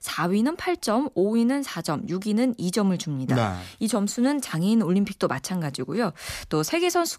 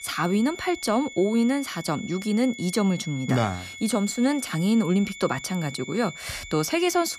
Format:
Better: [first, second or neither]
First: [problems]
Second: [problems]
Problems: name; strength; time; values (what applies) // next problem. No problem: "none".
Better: first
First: none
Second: high-pitched whine; noticeable; throughout; 2 kHz, 15 dB below the speech